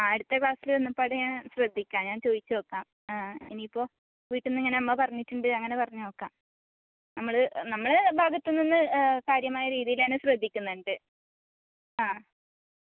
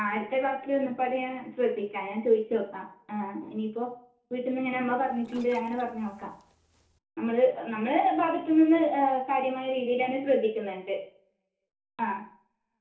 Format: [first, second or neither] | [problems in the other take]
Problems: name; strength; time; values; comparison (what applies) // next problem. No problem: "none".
first | noise reduction (neural separator model SepFormer DNS4)